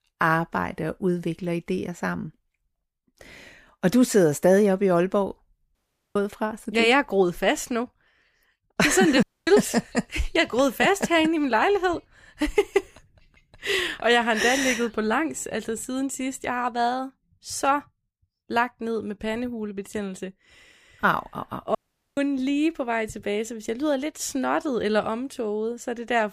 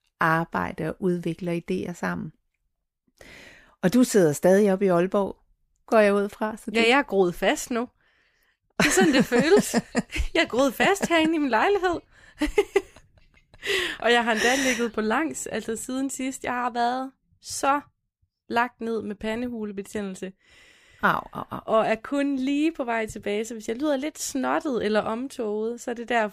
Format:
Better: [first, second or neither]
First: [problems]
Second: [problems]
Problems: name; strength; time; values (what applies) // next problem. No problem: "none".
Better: second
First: audio cutting out; at 6 s, at 9 s and at 22 s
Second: none